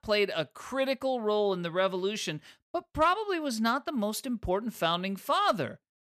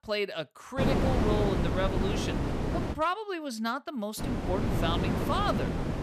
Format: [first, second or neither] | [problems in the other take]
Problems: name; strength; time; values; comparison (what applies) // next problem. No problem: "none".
first | wind noise on the microphone; heavy; from 1 to 3 s and from 4 s on; 2 dB below the speech